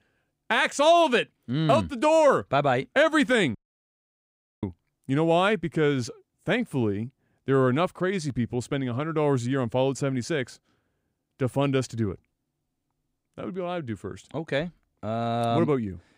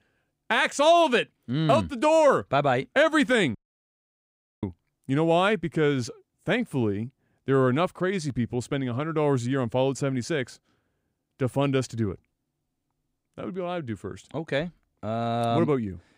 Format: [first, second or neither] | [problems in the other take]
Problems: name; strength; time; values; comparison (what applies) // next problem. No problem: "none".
neither | audio cutting out; at 3.5 s for 1 s; the same in both